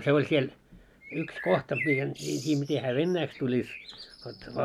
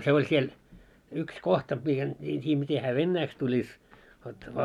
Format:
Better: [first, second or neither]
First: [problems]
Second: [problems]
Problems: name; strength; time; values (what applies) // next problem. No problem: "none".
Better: second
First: background sound (Bird); 11 dB below the speech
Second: none